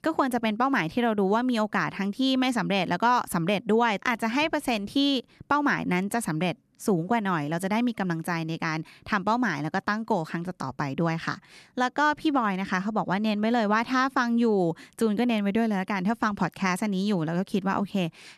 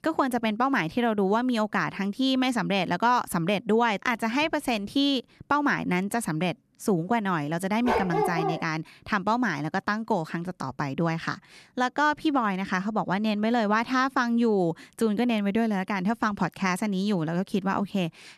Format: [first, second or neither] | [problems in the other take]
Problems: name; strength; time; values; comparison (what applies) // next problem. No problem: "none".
first | dog barking; loud; at 8 s; peak level with the speech